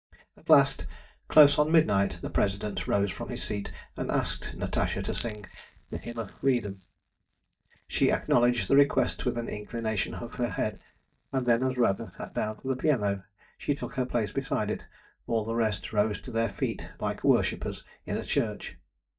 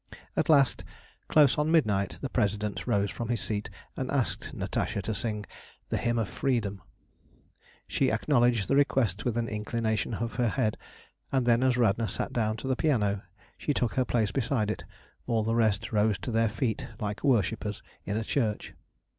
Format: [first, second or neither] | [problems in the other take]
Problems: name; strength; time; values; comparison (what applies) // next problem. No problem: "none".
second | noise reduction (neural mask model DeepFilterNet 3)